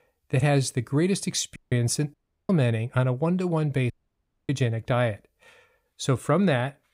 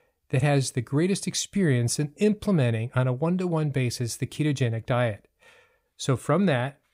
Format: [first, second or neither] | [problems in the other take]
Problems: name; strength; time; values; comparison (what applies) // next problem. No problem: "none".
second | audio cutting out; at 1.5 s, at 2 s and at 4 s for 0.5 s